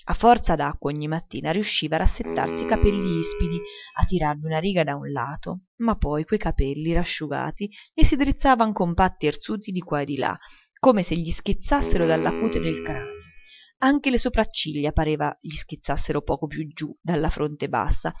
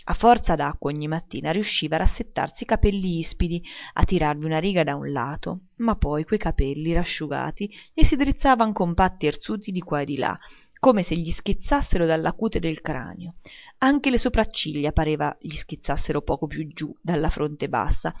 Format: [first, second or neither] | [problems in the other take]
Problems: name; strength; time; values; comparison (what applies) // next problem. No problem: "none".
second | noise reduction (classical method Wiener filter)